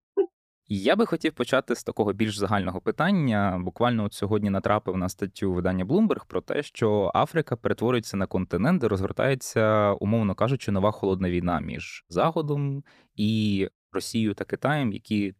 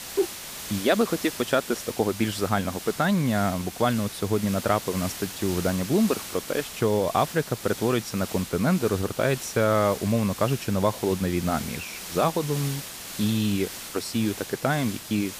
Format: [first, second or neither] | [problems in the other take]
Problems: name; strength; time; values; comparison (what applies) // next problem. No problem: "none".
first | hiss; loud; throughout; 10 dB below the speech